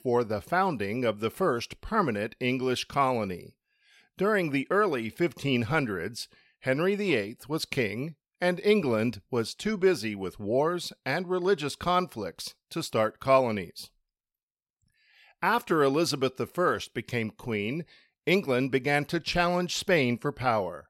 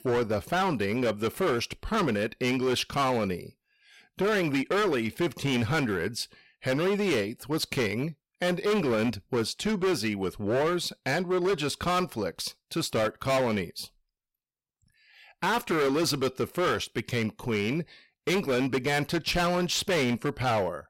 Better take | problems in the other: first | distortion; heavy; 15% of the sound clipped

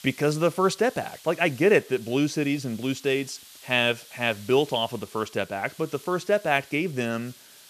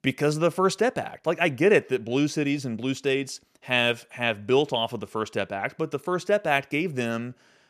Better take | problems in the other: second | hiss; faint; throughout; 20 dB below the speech

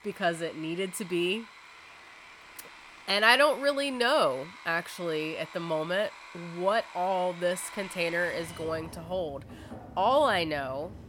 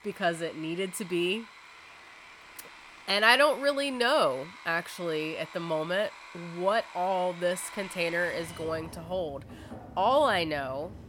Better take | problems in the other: neither | machinery noise; noticeable; throughout; 15 dB below the speech; the same in both

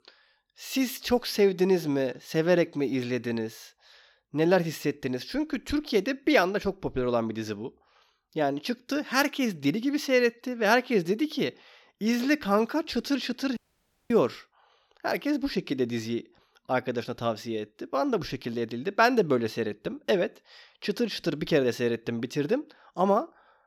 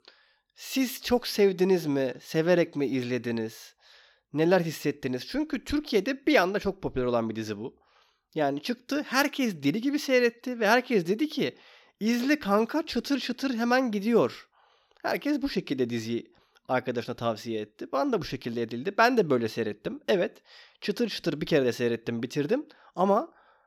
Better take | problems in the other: second | audio cutting out; at 14 s for 0.5 s

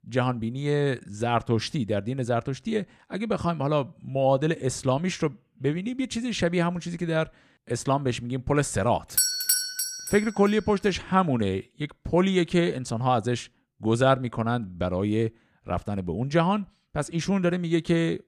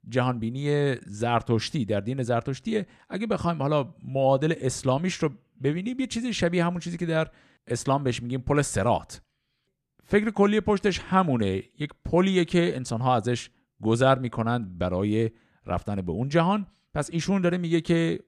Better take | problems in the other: second | doorbell; loud; at 9 s; peak 6 dB above the speech

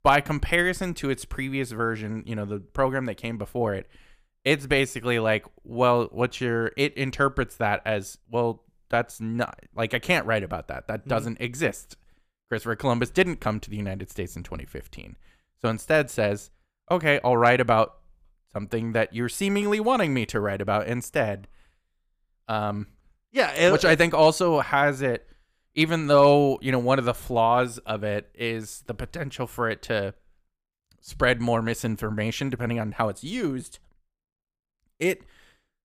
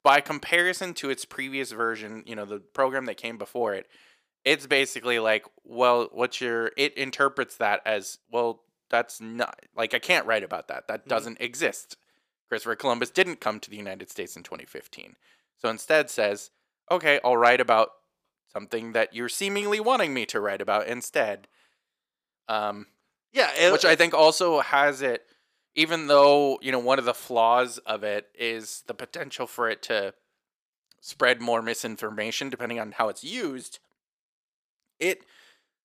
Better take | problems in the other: first | thin; somewhat; fading below 350 Hz

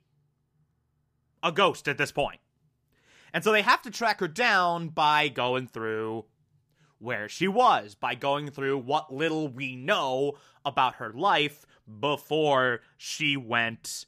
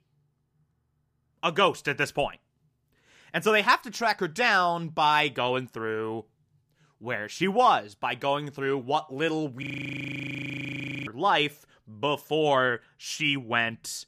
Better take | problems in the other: first | audio freezing; at 9.5 s for 1.5 s

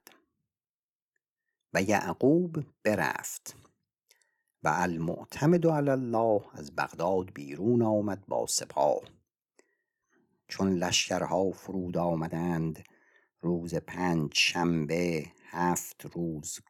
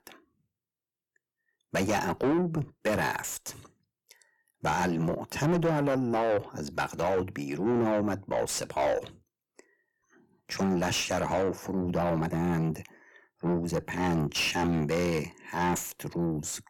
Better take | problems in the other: first | distortion; heavy; 6 dB below the speech

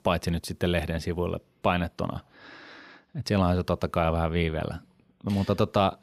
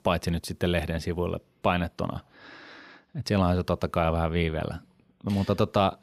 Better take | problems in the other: neither | none

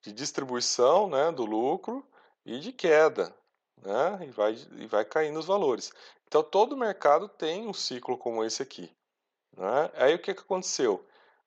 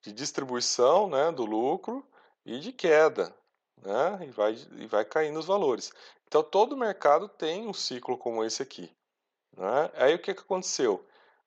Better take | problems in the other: neither | thin; somewhat; fading below 500 Hz; the same in both

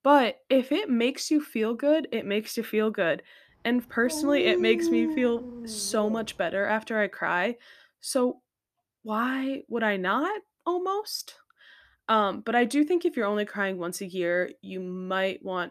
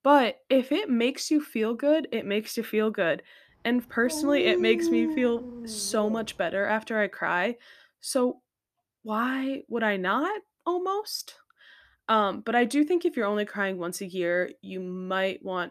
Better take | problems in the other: neither | dog barking; loud; from 4 to 6 s; peak 1 dB above the speech; the same in both

